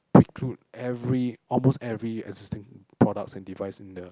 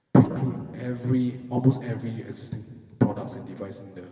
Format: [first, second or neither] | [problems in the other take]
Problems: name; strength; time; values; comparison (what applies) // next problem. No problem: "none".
first | room echo; dies away in 2.3 s